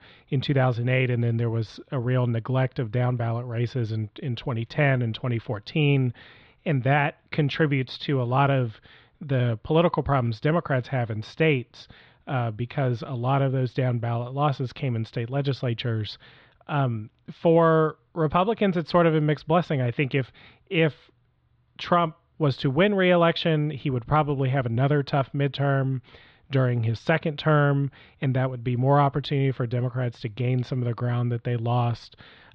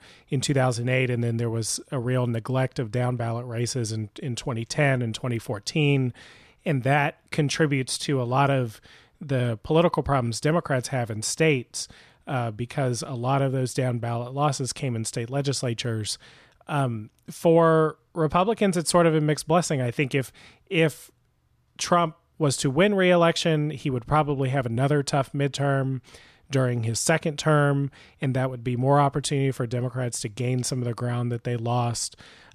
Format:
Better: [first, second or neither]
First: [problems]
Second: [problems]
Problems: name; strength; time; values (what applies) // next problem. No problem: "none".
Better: second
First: muffled; slightly; fading above 4 kHz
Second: none